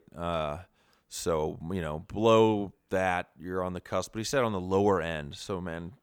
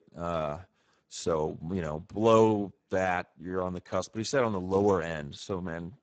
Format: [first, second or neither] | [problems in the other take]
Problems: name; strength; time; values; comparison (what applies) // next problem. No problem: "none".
first | garbled, watery; badly; nothing above 7.5 kHz